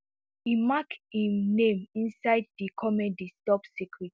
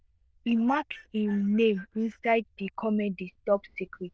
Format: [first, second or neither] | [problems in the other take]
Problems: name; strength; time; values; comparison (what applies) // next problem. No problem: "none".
first | noise reduction (neural diffusion model UNIVERSE++)